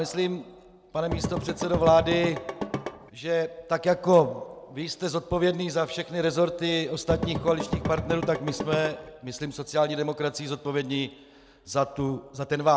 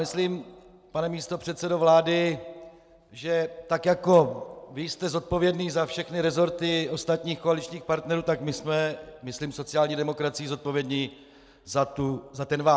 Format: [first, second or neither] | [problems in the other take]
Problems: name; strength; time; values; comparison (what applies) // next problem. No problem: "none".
second | background sound (Drum / Drum kit); 5 dB below the speech